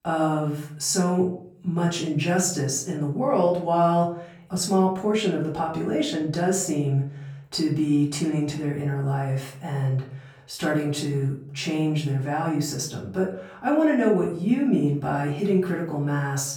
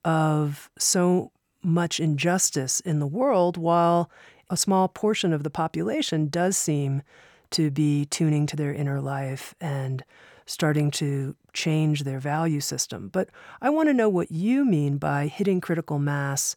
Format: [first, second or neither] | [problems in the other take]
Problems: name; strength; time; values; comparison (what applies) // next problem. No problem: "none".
second | off-mic speech; far // room echo; slight; dies away in 0.5 s